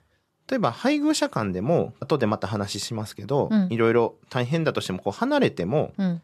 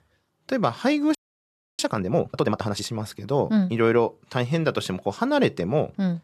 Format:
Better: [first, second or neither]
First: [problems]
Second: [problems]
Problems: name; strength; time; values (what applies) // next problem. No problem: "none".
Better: first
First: none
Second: audio freezing; at 1 s for 0.5 s